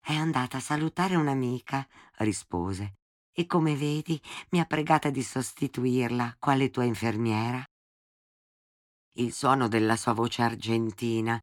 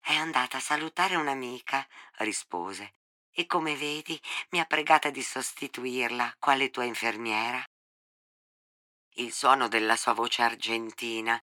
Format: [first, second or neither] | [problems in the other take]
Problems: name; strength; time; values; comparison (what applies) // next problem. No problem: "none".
first | thin; very; fading below 550 Hz